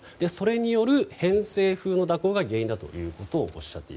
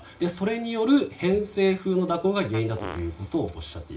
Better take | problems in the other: first | background sound (Fart); 16 dB below the speech // room echo; dies away in 0.3 s

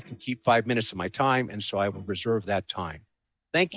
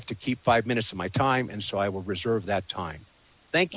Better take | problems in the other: second | noise reduction (neural mask model DeepFilterNet 3)

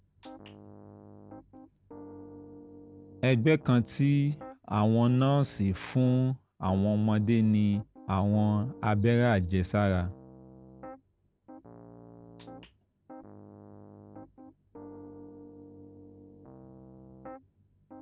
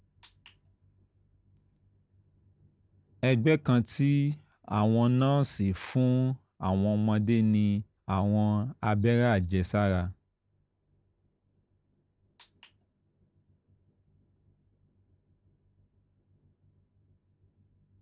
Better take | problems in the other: second | background sound (Piano); 19 dB below the speech

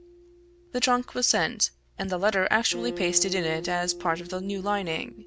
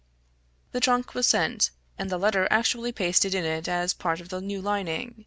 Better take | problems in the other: second | background sound (Acoustic guitar); 13 dB below the speech

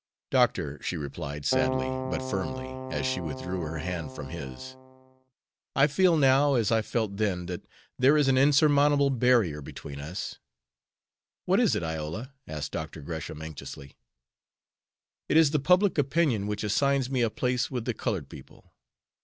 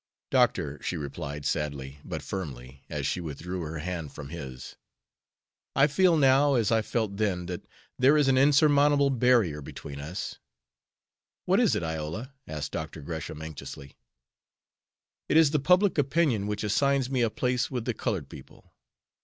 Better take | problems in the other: second | background sound (Keyboard (musical)); 6 dB below the speech

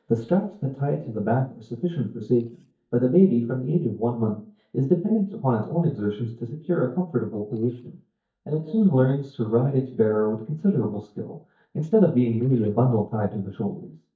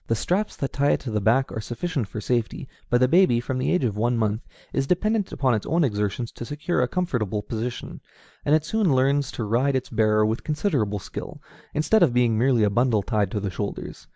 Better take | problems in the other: second | noise reduction (neural mask model DeepFilterNet 3)

